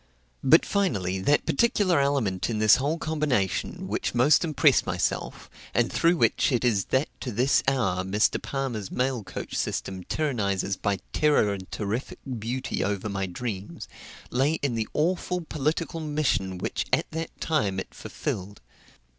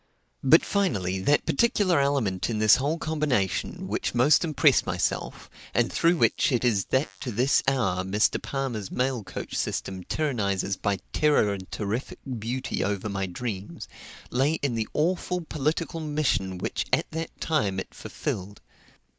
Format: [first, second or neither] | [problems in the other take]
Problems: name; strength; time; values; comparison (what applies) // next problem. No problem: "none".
first | noise reduction (neural mask model Resemble Enhance denoiser)